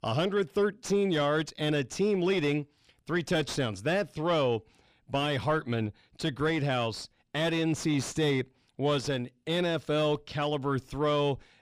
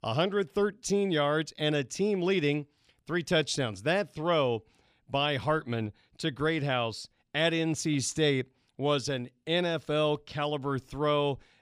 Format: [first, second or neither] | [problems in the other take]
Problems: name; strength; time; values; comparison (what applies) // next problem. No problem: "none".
second | distortion; slight; 10 dB below the speech